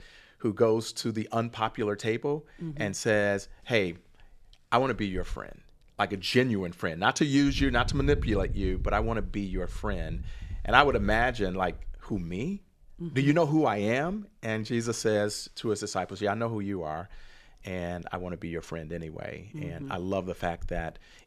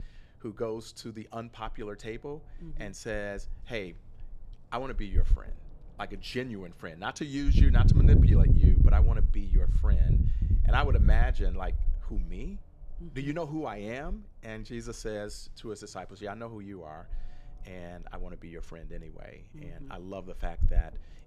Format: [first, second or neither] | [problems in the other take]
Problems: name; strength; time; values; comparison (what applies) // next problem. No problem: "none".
first | low rumble; loud; throughout; 2 dB below the speech; faint in the first